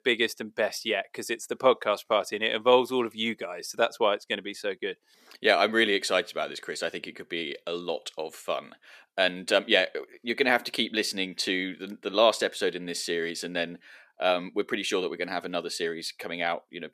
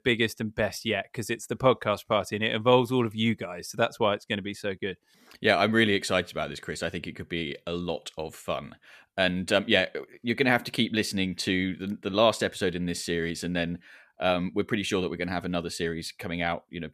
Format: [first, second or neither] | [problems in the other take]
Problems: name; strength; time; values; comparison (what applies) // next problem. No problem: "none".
second | thin; somewhat; fading below 400 Hz